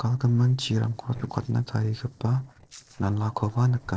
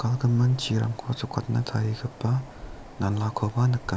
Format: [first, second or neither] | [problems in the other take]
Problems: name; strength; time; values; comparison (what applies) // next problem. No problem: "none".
second | noise reduction (neural separator model SepFormer DNS4)